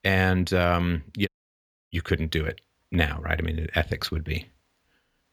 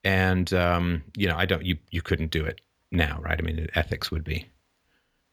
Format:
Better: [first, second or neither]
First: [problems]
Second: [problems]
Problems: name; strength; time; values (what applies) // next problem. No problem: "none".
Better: second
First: audio cutting out; at 1.5 s for 0.5 s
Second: none